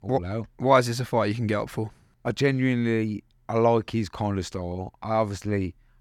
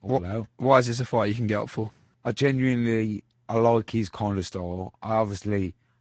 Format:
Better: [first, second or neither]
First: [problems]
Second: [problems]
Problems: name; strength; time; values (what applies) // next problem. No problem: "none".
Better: first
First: none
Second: garbled, watery; slightly; nothing above 8 kHz